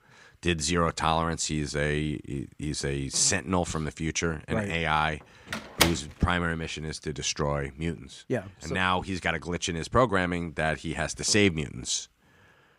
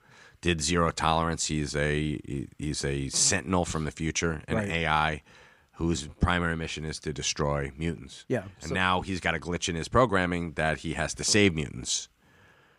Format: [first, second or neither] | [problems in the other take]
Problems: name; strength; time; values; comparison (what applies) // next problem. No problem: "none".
second | door banging; loud; at 5.5 s; peak 3 dB above the speech